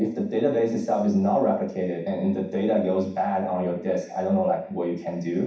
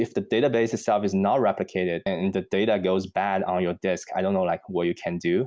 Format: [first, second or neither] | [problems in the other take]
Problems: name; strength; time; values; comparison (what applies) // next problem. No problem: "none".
second | room echo; dies away in 0.7 s